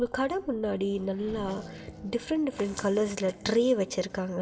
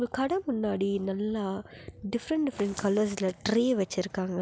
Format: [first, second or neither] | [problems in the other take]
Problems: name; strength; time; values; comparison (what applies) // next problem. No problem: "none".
second | background sound (Race car, auto racing / Accelerating, revving, vroom); 19 dB below the speech // room echo; dies away in 0.3 s